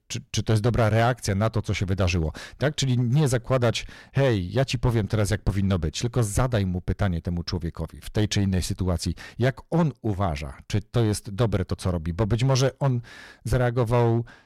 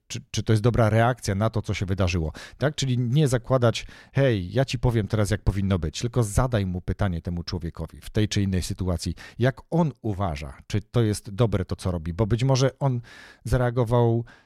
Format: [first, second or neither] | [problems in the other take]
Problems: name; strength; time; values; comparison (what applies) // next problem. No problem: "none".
second | distortion; slight; 6% of the sound clipped